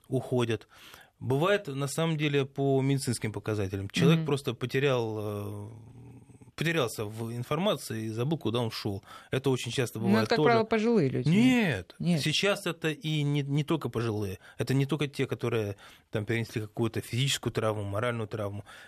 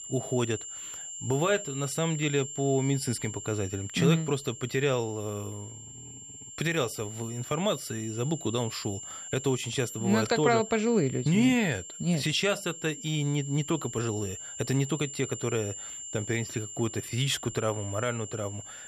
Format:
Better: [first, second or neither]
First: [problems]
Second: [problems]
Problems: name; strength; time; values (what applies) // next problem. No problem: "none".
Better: first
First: none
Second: high-pitched whine; loud; throughout; 7.5 kHz, 10 dB below the speech